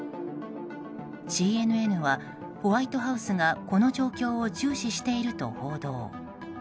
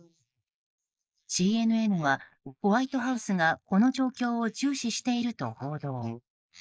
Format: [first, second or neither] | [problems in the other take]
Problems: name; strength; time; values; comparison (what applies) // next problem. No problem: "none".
first | noise reduction (neural mask model Resemble Enhance denoiser)